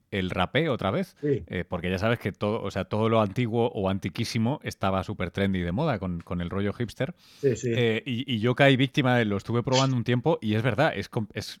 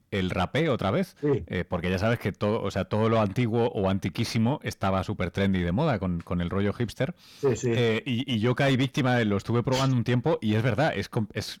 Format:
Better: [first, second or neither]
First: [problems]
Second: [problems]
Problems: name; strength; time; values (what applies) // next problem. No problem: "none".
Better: first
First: none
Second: distortion; slight; 10 dB below the speech